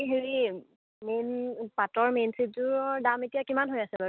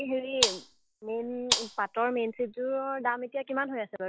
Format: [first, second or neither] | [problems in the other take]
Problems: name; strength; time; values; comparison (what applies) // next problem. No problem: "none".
first | noise reduction (classical method log-MMSE)